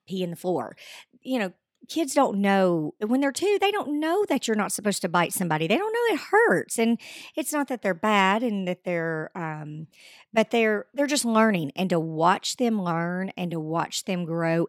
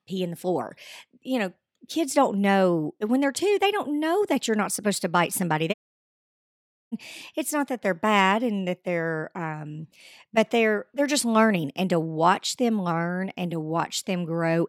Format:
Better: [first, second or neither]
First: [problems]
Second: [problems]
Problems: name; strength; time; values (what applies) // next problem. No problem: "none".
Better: first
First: none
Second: audio cutting out; at 5.5 s for 1 s